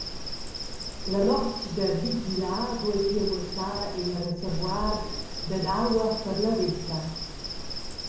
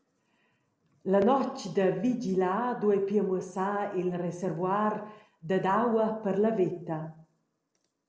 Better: second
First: background sound (Insect); 5 dB below the speech // room echo; dies away in 0.6 s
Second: none

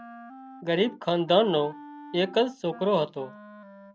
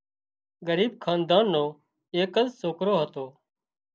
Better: second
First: background sound (Wind instrument, woodwind instrument); 18 dB below the speech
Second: none

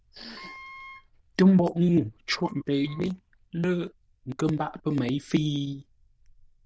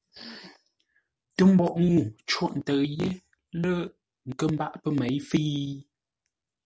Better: second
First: noise reduction (neural diffusion model UNIVERSE++)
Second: none

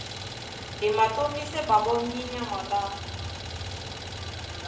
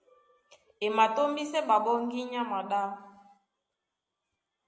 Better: second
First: background sound (Idling); 7 dB below the speech // room echo; dies away in 0.4 s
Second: none

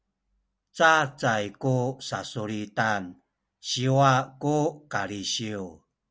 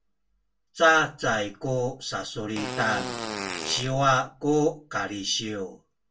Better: first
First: none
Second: background sound (Fart); 7 dB below the speech // room echo; dies away in 0.2 s

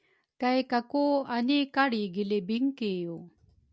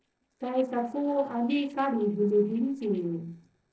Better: first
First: none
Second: noise reduction (neural separator model SepFormer DNS4)

